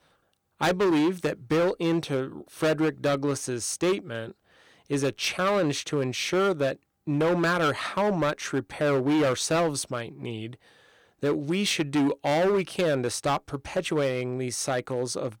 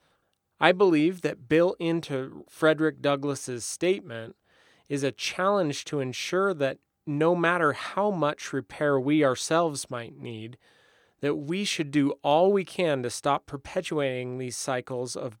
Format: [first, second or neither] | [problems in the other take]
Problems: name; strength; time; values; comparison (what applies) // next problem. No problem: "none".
second | distortion; heavy; 11% of the sound clipped